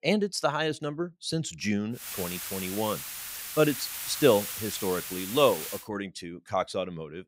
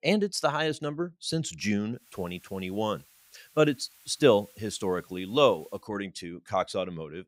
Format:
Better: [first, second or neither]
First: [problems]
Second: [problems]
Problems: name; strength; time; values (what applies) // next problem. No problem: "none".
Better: second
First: hiss; loud; from 2 to 6 s; 6 dB below the speech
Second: hiss; faint; from 2 to 6 s; 25 dB below the speech